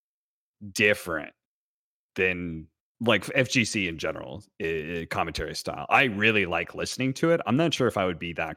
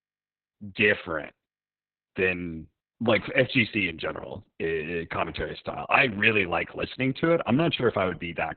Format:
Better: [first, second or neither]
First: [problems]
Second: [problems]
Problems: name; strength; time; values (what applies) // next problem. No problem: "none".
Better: first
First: none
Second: garbled, watery; badly; nothing above 4 kHz